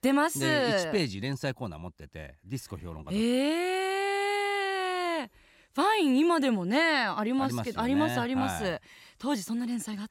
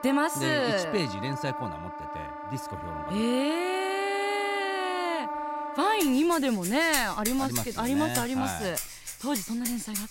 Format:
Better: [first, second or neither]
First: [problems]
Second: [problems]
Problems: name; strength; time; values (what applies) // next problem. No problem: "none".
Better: first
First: none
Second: background music; loud; throughout; 7 dB below the speech